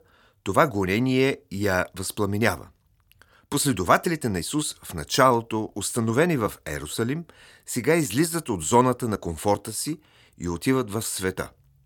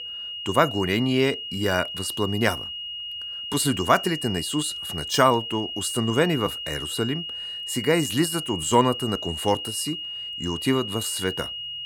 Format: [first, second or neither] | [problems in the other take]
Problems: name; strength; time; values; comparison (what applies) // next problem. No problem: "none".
first | high-pitched whine; loud; throughout; 3 kHz, 6 dB below the speech